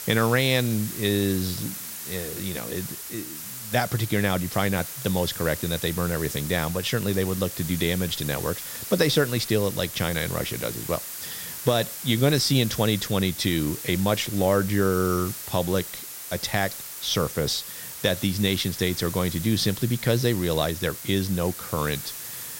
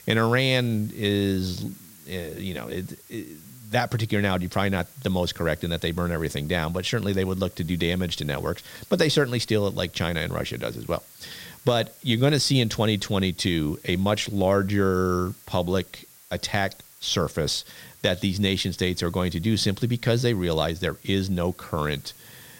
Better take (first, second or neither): second